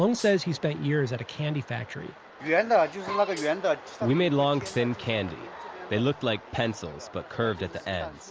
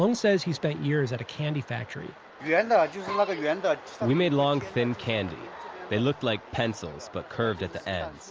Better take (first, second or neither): second